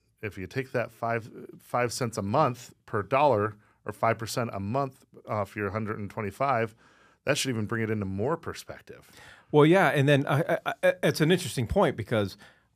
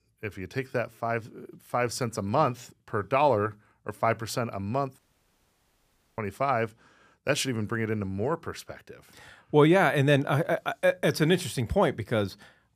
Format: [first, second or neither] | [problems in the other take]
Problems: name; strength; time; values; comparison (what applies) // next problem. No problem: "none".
first | audio cutting out; at 5 s for 1 s